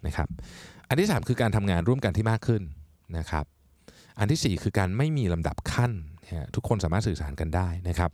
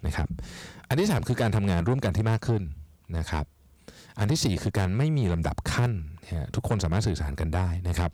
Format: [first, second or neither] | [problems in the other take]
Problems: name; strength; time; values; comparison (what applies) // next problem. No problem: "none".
first | distortion; slight; 10 dB below the speech